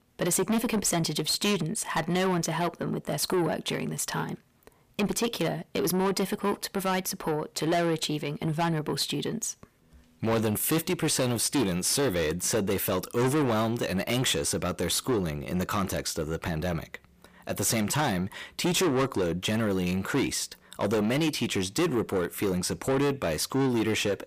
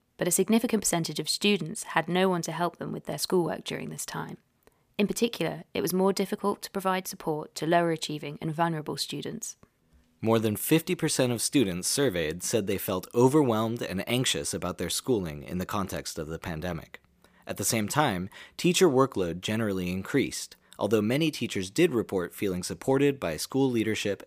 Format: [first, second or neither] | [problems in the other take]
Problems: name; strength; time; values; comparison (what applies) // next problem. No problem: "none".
second | distortion; heavy; 6 dB below the speech